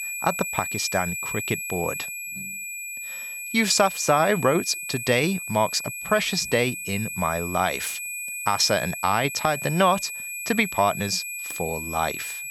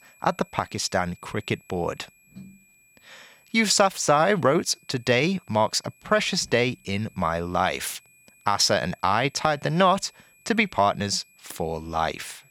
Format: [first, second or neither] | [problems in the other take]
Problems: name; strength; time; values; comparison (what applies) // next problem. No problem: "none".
second | high-pitched whine; loud; throughout; 2.5 kHz, 6 dB below the speech; faint in the second